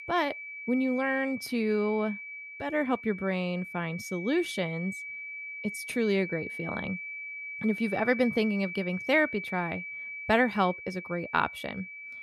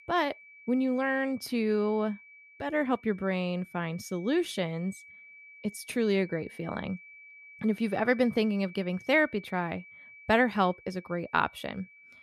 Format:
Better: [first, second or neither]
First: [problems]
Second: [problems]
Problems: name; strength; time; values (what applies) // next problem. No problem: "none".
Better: second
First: high-pitched whine; loud; throughout; 2.5 kHz, 8 dB below the speech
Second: high-pitched whine; faint; throughout; 2.5 kHz, 20 dB below the speech